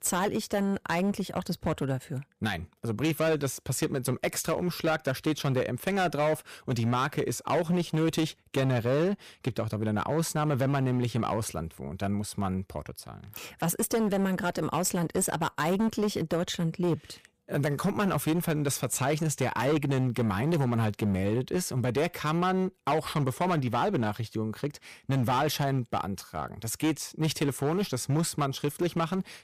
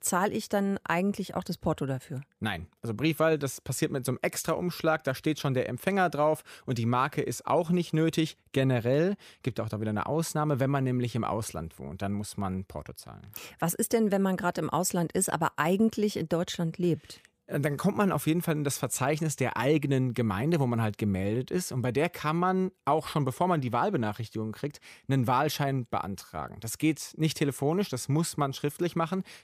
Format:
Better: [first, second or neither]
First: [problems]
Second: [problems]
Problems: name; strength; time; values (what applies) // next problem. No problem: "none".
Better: second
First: distortion; slight; 11% of the sound clipped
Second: none